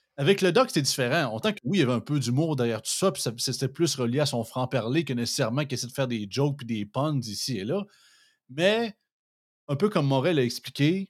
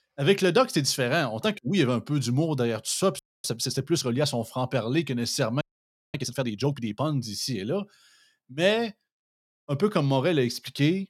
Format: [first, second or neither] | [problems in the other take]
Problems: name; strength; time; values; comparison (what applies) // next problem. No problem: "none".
first | audio freezing; at 3 s and at 5.5 s for 0.5 s